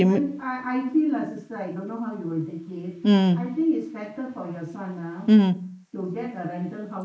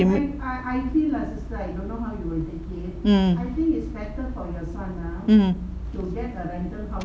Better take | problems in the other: second | noise reduction (neural mask model Resemble Enhance denoiser)

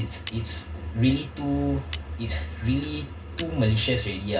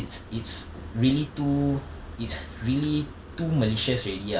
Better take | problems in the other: second | background sound (Cutlery, silverware); 20 dB below the speech // room echo; dies away in 0.2 s

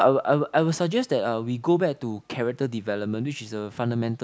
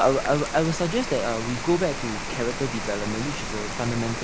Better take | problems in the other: first | background sound (Rain); 5 dB below the speech

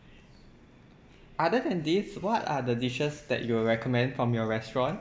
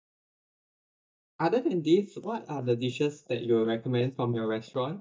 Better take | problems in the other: first | noise reduction (neural mask model DeepFilterNet 3)

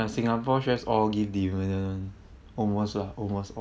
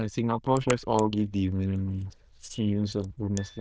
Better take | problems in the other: first | noise reduction (neural diffusion model UNIVERSE++)

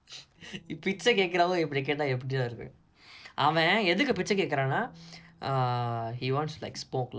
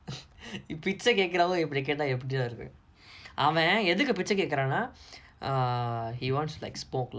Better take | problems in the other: second | noise reduction (neural separator model SepFormer DNS4)

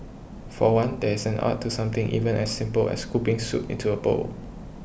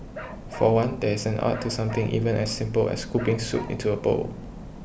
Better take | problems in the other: first | background sound (Bark); 16 dB below the speech

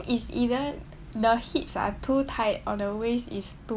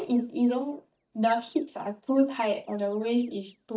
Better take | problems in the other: first | noise reduction (neural mask model DeepFilterNet 3)

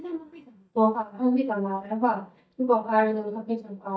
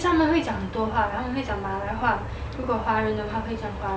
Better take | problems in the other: second | noise reduction (neural mask model DeepFilterNet 3)

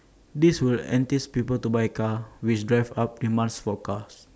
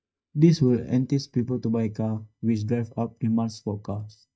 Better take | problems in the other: first | noise reduction (neural mask model DeepFilterNet 3)

